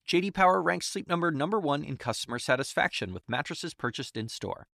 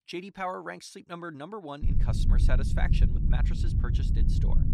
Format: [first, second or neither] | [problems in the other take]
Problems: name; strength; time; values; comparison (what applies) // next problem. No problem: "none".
first | low rumble; loud; from 2 s on; 5 dB below the speech